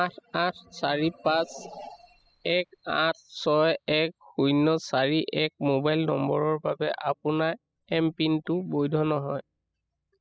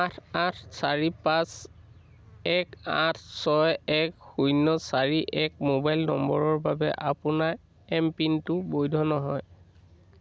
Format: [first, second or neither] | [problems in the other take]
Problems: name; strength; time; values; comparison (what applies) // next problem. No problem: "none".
second | noise reduction (classical method spectral subtraction)